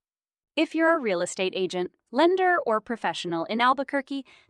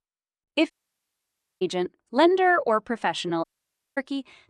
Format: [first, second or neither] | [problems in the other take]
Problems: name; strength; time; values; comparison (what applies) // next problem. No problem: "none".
first | audio cutting out; at 0.5 s for 1 s and at 3.5 s for 0.5 s